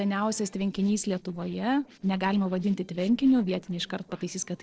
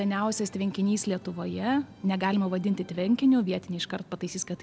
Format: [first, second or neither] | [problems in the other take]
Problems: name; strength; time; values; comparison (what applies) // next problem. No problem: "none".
second | noise reduction (neural separator model SepFormer DNS4)